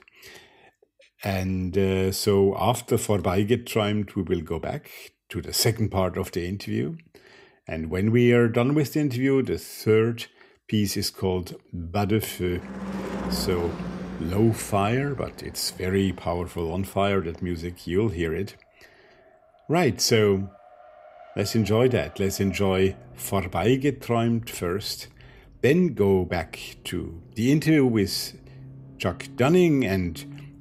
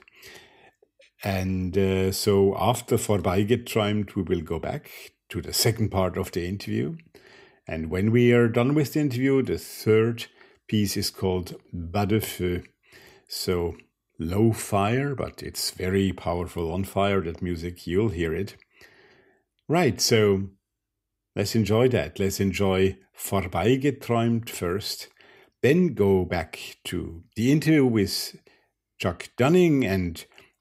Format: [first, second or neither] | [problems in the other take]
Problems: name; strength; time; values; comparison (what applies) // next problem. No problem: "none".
second | traffic noise; noticeable; from 13 s on; 15 dB below the speech